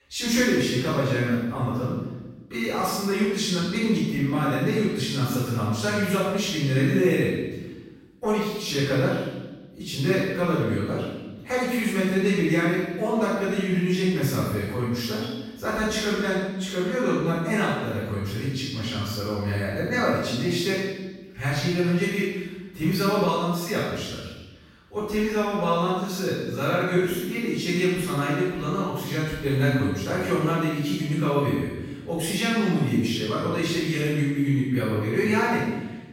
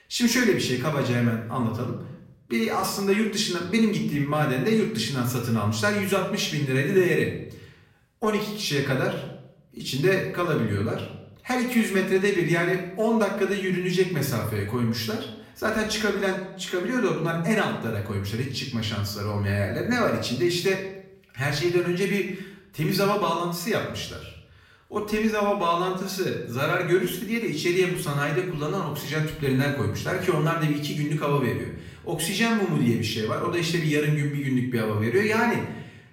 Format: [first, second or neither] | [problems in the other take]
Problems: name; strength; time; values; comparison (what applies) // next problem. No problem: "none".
second | room echo; strong; dies away in 1.1 s; slight in the second // off-mic speech; far; far in the second